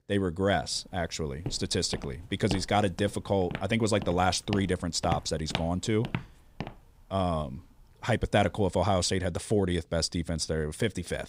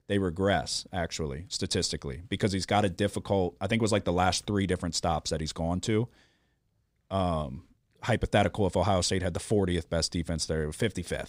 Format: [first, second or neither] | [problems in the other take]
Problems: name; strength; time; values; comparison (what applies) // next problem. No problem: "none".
second | footsteps; noticeable; from 1.5 to 6.5 s; peak 7 dB below the speech